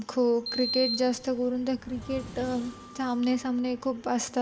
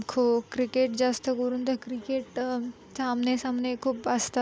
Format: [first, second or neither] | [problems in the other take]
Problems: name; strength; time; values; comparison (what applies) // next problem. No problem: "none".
second | background sound (Sliding door); 10 dB below the speech // room echo; dies away in 1.3 s